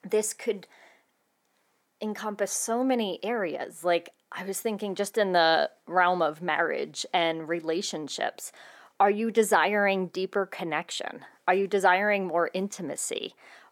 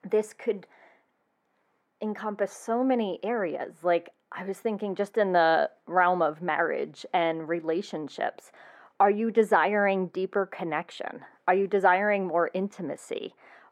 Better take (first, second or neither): first